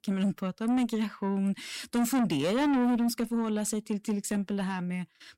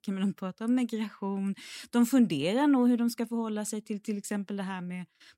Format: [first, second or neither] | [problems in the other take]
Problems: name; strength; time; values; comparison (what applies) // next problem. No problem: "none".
second | distortion; heavy; 8 dB below the speech